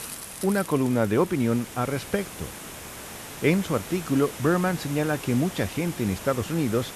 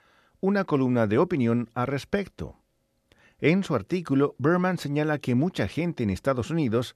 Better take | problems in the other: second | hiss; noticeable; throughout; 10 dB below the speech

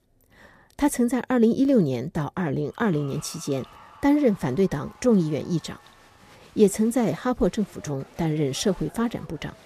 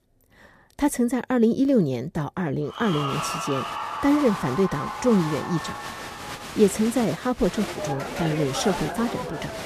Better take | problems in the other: first | crowd noise; loud; from 3 s on; 7 dB below the speech; faint in the first

